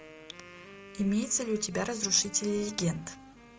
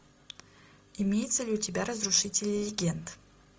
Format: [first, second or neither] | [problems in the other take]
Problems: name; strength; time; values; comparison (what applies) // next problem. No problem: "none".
second | background sound (Wind instrument, woodwind instrument); 18 dB below the speech